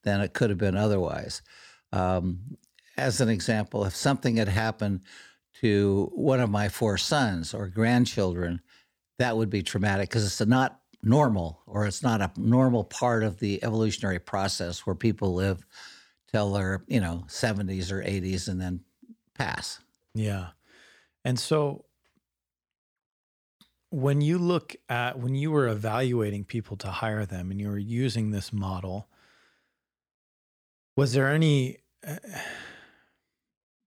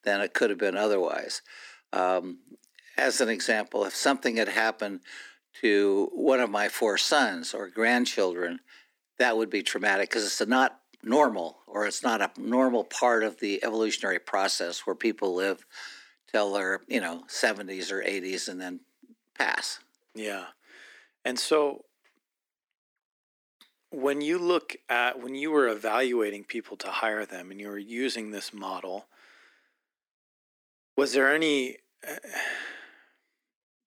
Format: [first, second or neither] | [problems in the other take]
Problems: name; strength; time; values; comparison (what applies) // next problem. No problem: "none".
first | thin; somewhat; fading below 250 Hz